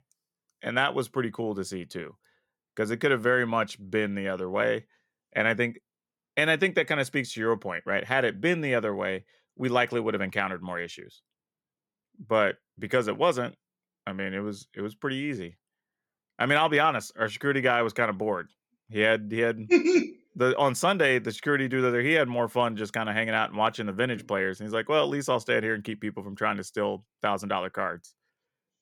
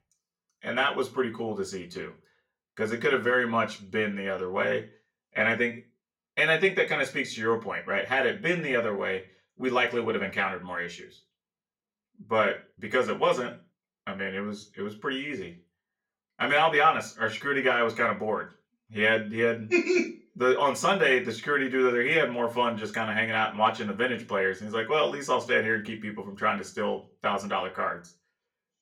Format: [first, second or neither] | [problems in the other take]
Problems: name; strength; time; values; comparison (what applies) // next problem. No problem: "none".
first | room echo; very slight; dies away in 0.3 s // off-mic speech; far